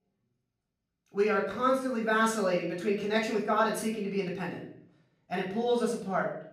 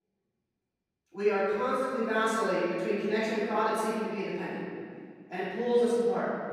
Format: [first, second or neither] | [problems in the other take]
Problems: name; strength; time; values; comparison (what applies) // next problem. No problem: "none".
first | room echo; strong; dies away in 2.1 s; slight in the first // off-mic speech; far; far in the first